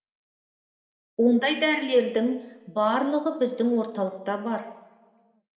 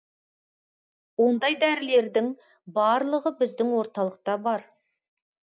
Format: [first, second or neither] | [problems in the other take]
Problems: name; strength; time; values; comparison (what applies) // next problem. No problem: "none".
second | room echo; dies away in 1.7 s